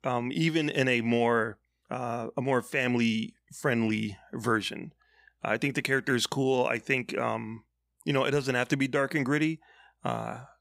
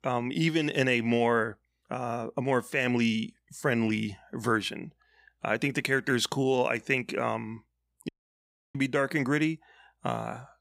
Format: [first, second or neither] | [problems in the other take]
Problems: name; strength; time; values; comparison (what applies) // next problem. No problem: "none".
first | audio cutting out; at 8 s for 0.5 s